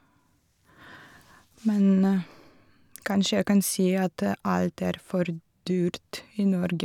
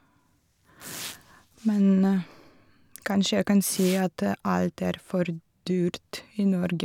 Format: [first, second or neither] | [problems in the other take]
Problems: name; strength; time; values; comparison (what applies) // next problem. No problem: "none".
first | background sound (Domestic sounds, home sounds); 20 dB below the speech